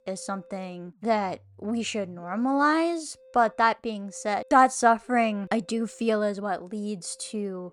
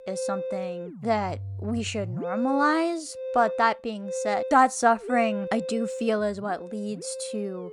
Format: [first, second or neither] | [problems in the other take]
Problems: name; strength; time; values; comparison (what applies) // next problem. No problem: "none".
first | background music; loud; throughout; 8 dB below the speech; faint in the first